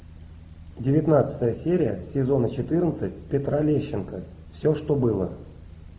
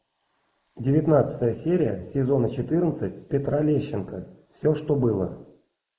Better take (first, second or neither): first